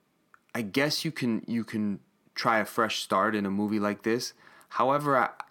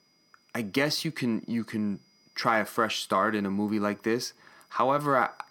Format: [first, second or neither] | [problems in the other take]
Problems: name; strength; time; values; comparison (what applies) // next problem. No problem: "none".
first | high-pitched whine; faint; throughout; 5 kHz, 35 dB below the speech